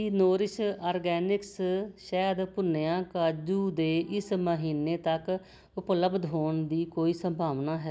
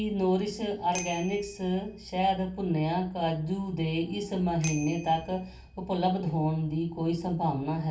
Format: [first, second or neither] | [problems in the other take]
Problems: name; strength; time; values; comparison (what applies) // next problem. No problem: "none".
first | background sound (Bicycle bell); 18 dB below the speech // room echo; dies away in 0.3 s